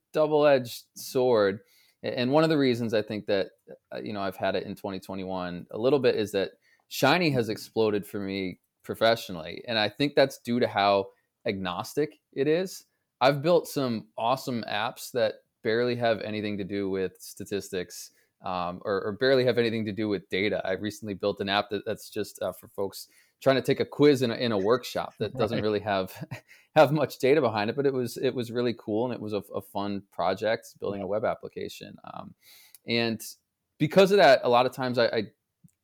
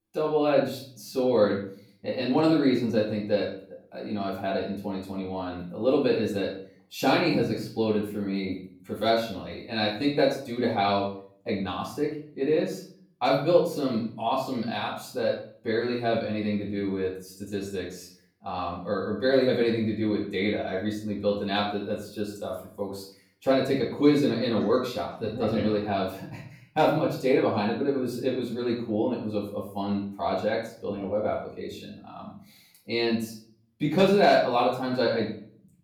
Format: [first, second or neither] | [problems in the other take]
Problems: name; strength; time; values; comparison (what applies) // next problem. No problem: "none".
first | off-mic speech; far // room echo; noticeable; dies away in 0.5 s